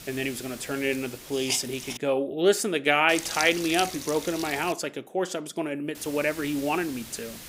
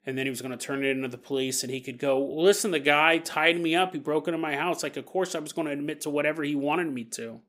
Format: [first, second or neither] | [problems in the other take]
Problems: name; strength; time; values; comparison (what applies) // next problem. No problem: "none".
second | hiss; loud; until 2 s, from 3 to 4.5 s and from 6 s on; 9 dB below the speech